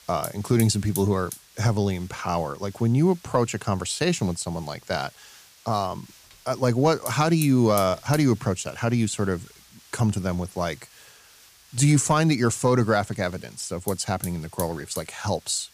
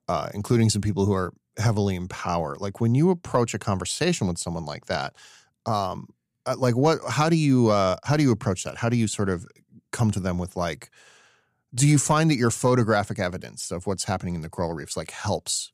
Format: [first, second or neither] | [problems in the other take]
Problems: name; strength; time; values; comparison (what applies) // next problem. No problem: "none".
second | hiss; noticeable; throughout; 20 dB below the speech